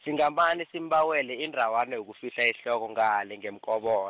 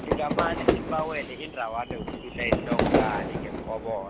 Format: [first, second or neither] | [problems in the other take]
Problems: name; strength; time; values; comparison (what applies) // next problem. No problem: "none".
first | background sound (Fire / Fireworks); 4 dB above the speech